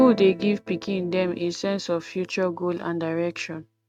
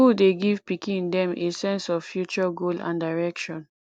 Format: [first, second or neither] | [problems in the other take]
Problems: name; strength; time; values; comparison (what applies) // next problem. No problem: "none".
second | noise reduction (neural mask model RNNoise)